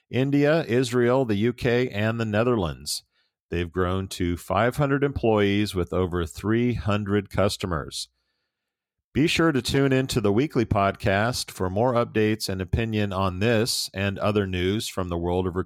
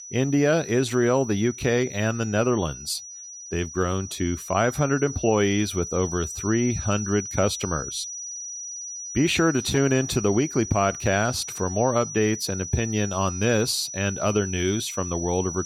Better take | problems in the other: first | high-pitched whine; loud; throughout; 6 kHz, 9 dB below the speech

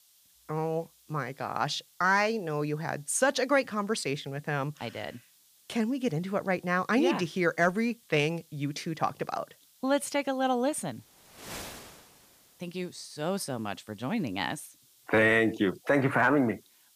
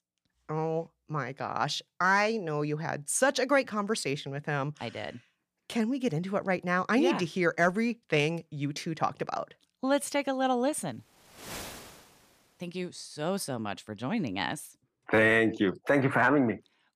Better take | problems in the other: second | hiss; faint; throughout; 30 dB below the speech

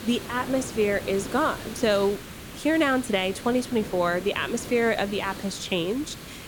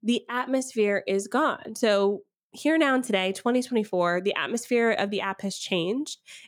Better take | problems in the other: second | hiss; noticeable; throughout; 10 dB below the speech

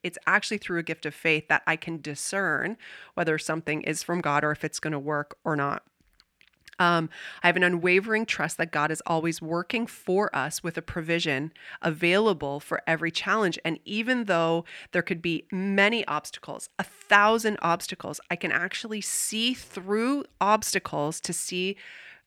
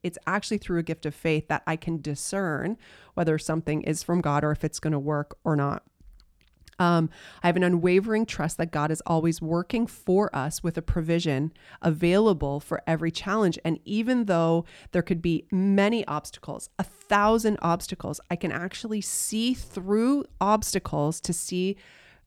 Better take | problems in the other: second | thin; very slightly; fading below 600 Hz

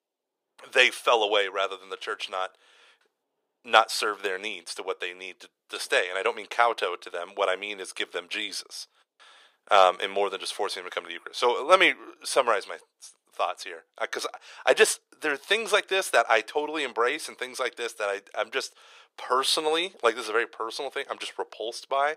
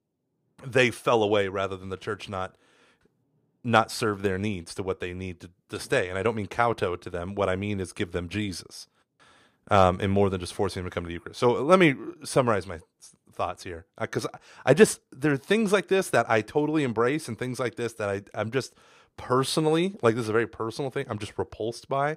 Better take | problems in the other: second | thin; very; fading below 500 Hz

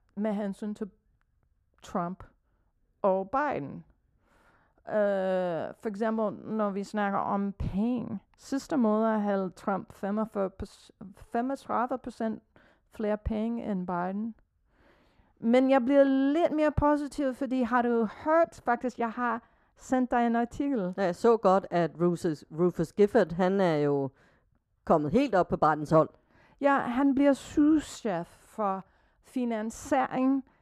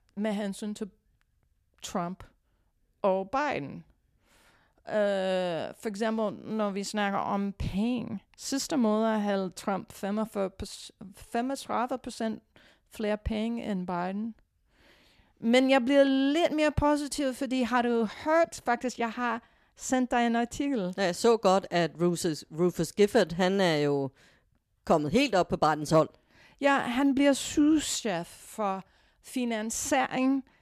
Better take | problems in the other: second | muffled; slightly; fading above 1.5 kHz

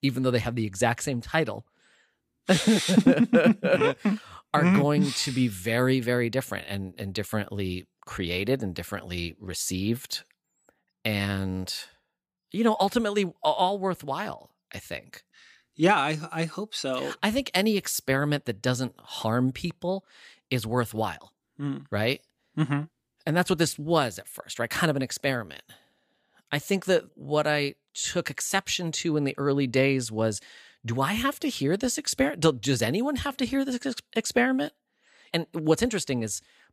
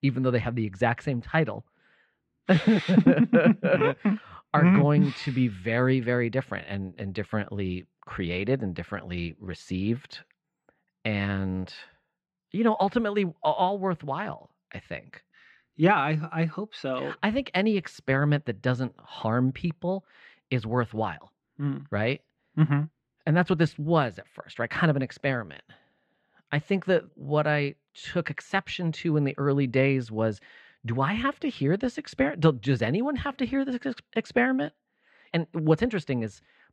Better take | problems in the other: first | muffled; slightly; fading above 2 kHz

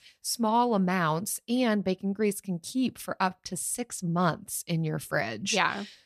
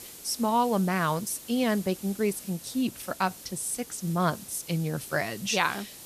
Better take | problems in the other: first | hiss; noticeable; throughout; 15 dB below the speech

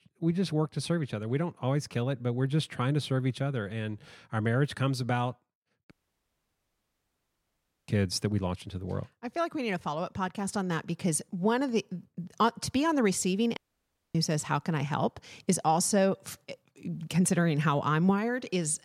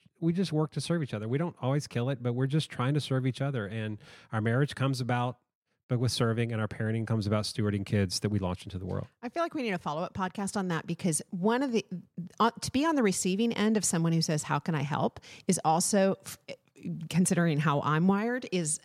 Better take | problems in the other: second | audio cutting out; at 6 s for 2 s and at 14 s for 0.5 s

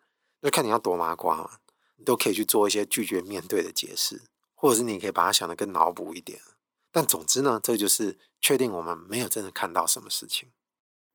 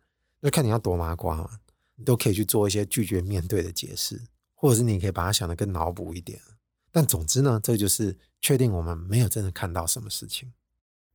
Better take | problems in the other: second | thin; somewhat; fading below 250 Hz

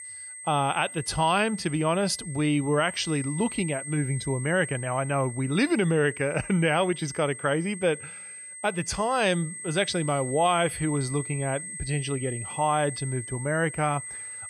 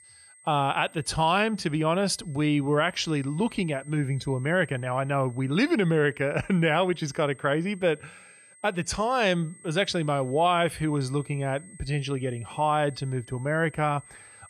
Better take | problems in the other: second | high-pitched whine; loud; throughout; 8.5 kHz, 10 dB below the speech; faint in the second

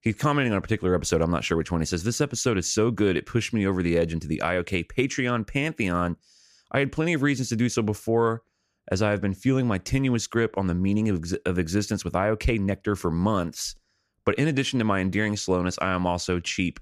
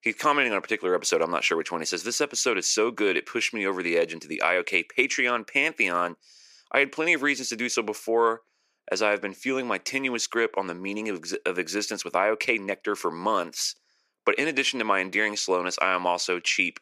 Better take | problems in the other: first | thin; somewhat; fading below 350 Hz

